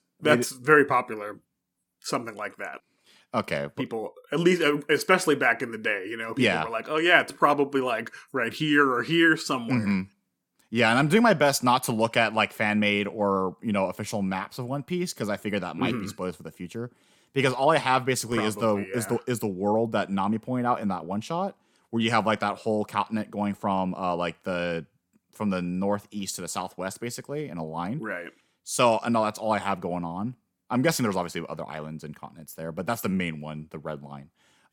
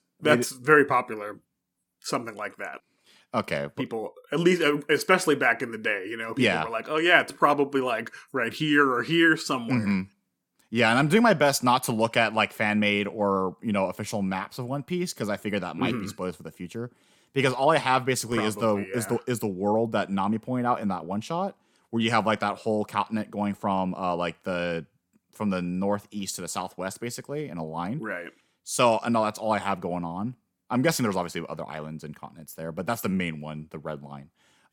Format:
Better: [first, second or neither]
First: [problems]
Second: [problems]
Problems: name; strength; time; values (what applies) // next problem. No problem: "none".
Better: neither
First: none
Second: none